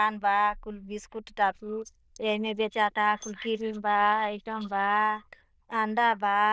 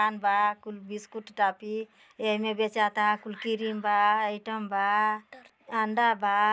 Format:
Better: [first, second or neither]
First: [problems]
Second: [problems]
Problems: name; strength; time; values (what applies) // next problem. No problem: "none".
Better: second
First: noise reduction (neural diffusion model UNIVERSE++)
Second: none